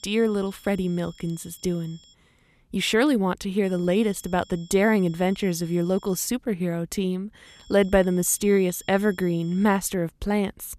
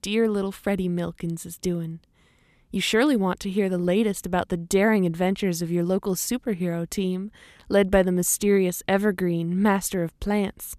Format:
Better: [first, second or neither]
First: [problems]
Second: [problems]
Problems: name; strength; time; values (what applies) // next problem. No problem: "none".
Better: second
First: high-pitched whine; faint; until 2 s, from 3.5 to 6 s and from 7.5 to 10 s; 3.5 kHz, 25 dB below the speech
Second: none